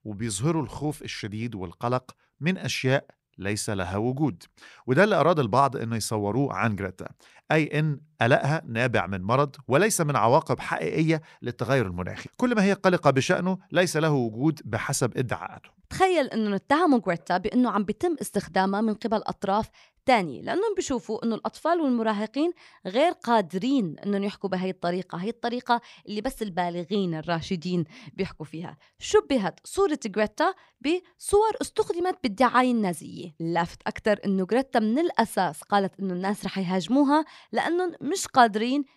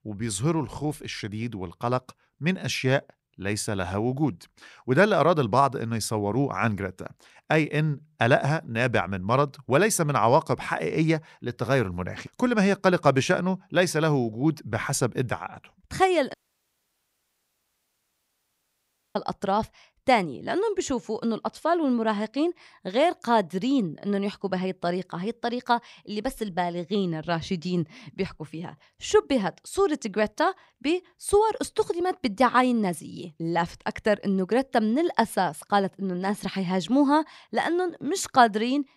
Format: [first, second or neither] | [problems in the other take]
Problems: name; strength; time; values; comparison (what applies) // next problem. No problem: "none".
first | audio cutting out; at 16 s for 3 s